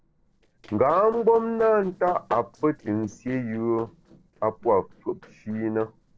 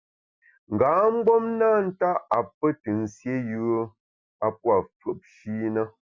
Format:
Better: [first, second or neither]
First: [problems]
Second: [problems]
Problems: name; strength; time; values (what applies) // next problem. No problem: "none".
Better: second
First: noise reduction (neural separator model SepFormer DNS4)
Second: none